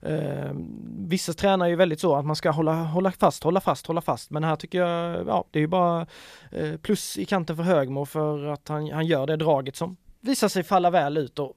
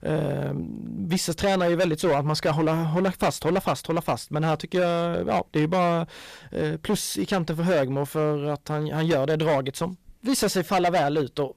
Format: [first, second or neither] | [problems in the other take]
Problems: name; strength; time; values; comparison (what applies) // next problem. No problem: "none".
first | distortion; heavy; 12% of the sound clipped